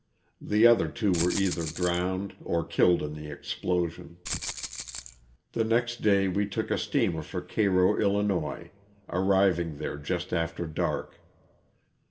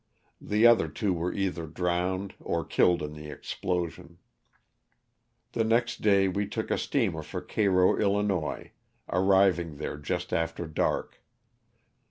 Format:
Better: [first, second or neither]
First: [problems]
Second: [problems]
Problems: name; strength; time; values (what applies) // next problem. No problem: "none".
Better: second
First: background sound (Rattle (instrument)); 9 dB below the speech // room echo; dies away in 0.7 s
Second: none